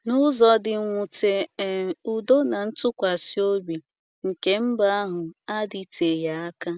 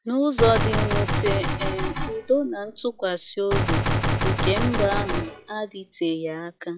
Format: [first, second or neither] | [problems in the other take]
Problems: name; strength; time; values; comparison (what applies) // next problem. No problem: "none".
first | noise reduction (classical method log-MMSE)